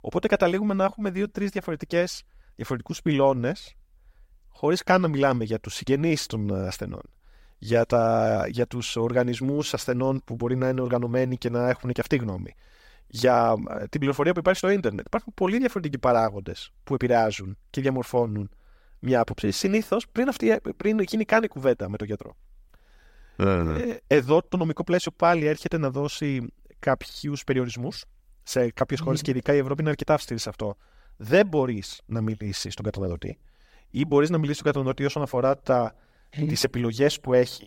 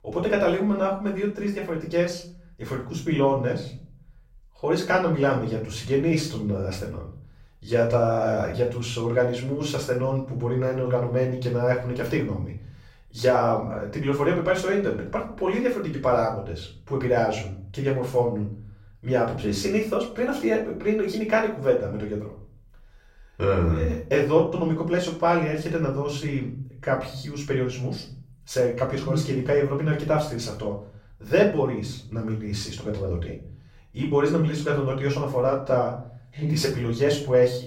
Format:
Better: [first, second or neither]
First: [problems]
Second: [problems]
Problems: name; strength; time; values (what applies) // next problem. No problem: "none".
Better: first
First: none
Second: off-mic speech; far // room echo; slight; dies away in 0.5 s